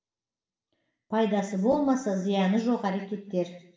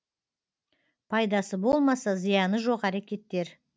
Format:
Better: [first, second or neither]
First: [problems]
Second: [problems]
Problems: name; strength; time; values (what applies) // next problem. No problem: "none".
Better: second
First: room echo; dies away in 0.8 s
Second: none